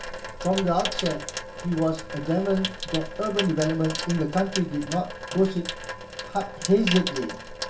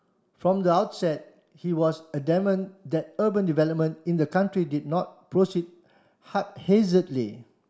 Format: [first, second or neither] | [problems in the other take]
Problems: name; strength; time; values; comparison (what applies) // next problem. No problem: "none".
second | background sound (Sink (filling or washing) / Water tap, faucet); 7 dB below the speech // room echo; dies away in 0.2 s